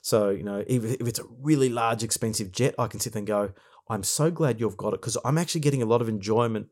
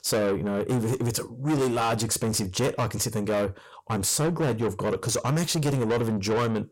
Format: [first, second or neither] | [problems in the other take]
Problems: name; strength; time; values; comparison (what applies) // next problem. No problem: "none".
first | distortion; heavy; 7 dB below the speech